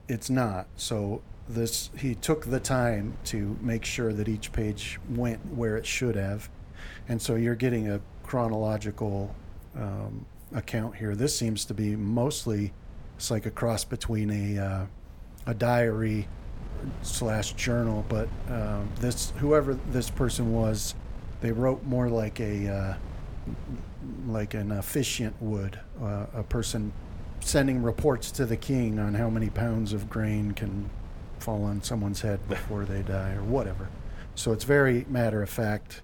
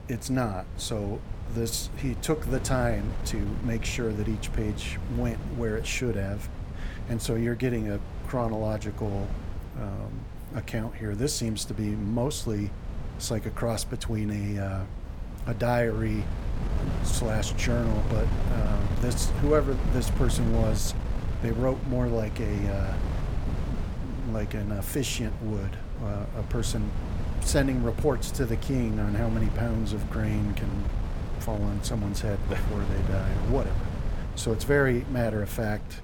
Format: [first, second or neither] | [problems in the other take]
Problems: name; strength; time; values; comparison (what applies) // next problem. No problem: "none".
first | wind noise on the microphone; heavy; 10 dB below the speech; occasional gusts in the first